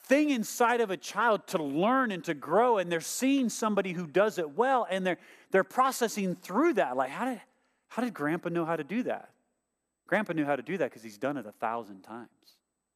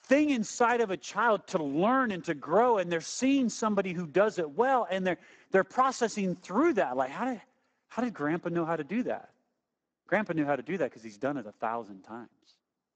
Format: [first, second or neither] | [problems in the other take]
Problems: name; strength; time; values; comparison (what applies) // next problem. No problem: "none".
first | garbled, watery; badly; nothing above 7.5 kHz